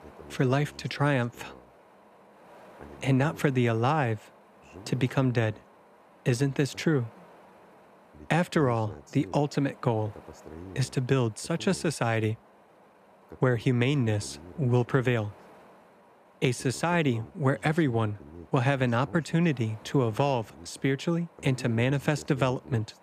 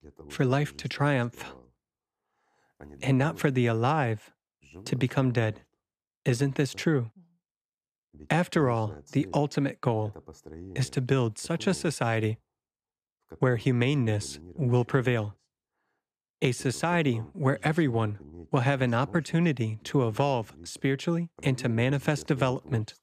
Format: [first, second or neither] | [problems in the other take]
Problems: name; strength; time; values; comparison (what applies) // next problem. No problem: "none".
second | wind noise on the microphone; occasional gusts; 25 dB below the speech